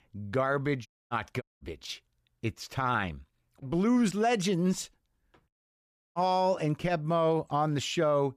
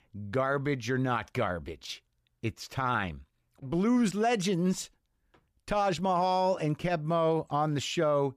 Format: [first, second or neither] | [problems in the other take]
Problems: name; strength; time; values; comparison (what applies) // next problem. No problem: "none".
second | audio cutting out; at 1 s, at 1.5 s and at 5.5 s for 0.5 s